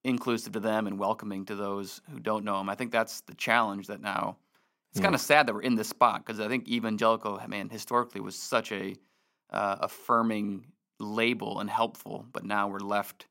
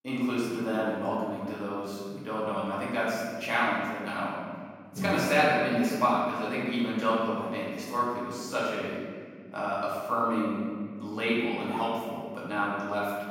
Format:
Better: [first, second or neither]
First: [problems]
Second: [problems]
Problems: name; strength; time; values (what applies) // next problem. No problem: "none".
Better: first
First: none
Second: room echo; strong; dies away in 2 s // off-mic speech; far